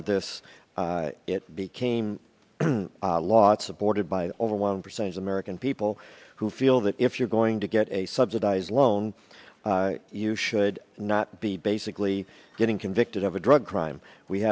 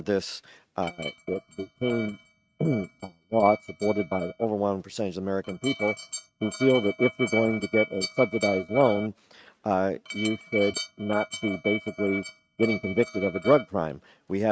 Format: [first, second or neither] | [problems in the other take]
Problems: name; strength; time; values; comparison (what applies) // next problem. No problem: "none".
first | noise reduction (neural mask model RNNoise)